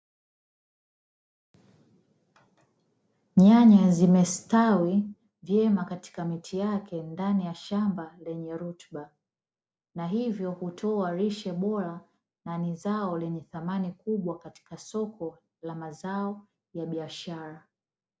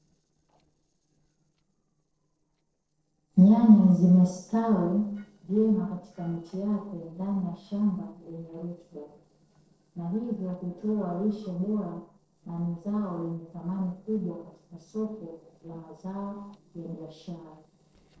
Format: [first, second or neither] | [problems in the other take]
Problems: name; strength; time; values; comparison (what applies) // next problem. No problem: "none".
first | noise reduction (neural separator model SepFormer DNS4)